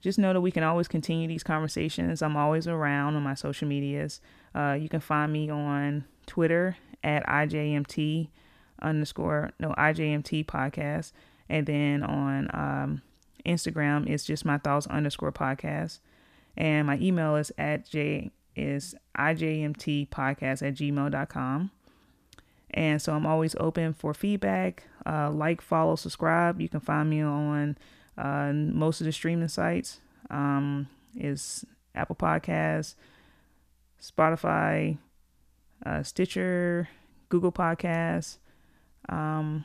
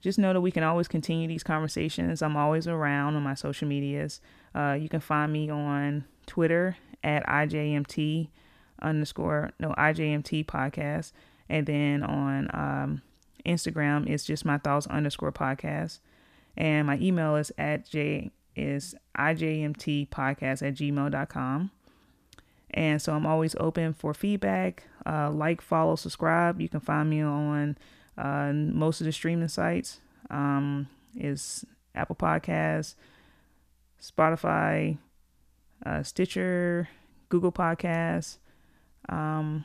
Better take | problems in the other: neither | none

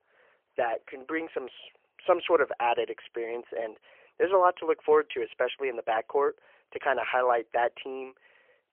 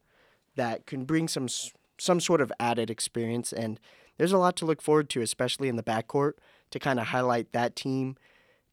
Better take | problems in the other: second | phone-call audio; poor line; nothing above 3.5 kHz

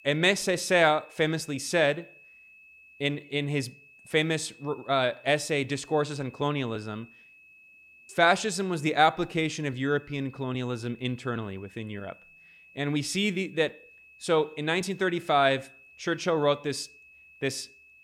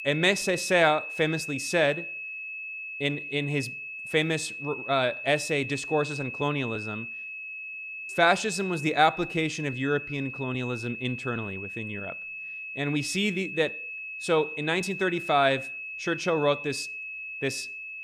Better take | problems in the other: first | high-pitched whine; loud; throughout; 2.5 kHz, 8 dB below the speech; faint in the first

